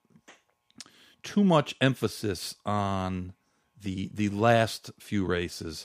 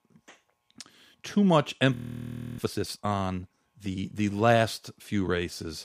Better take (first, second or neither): first